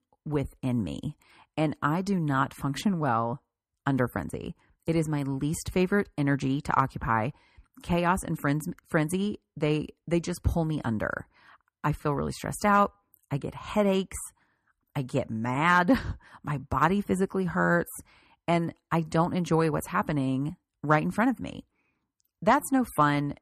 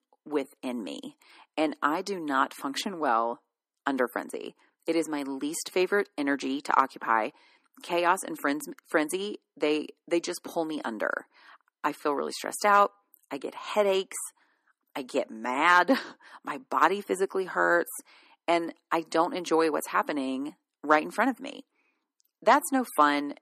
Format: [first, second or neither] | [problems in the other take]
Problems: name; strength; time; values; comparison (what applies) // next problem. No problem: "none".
first | thin; somewhat; fading below 300 Hz